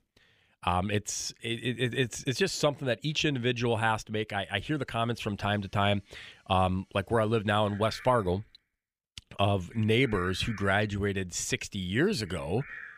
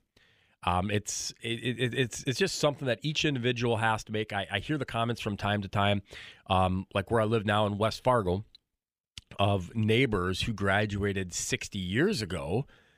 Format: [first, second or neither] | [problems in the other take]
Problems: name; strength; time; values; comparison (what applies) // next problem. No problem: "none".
second | animal sounds; noticeable; from 5 s on; 20 dB below the speech